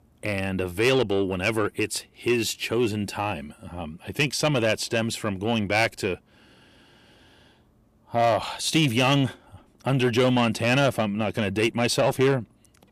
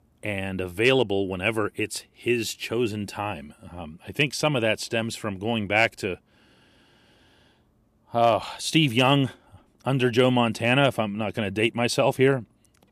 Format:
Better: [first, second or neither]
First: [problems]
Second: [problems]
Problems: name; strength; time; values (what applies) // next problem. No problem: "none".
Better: second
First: distortion; slight; 10 dB below the speech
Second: none